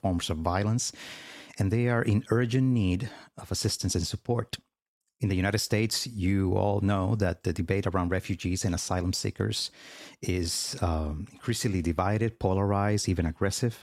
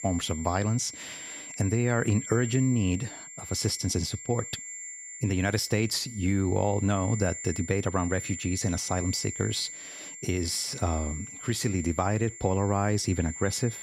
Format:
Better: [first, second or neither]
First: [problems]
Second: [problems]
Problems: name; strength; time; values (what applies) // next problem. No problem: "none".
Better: first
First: none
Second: high-pitched whine; loud; throughout; 7.5 kHz, 10 dB below the speech